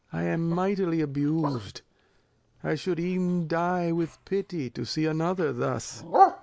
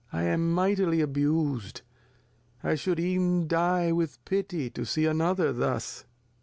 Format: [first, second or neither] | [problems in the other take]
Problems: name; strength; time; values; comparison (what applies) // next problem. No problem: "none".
second | noise reduction (neural mask model Resemble Enhance denoiser)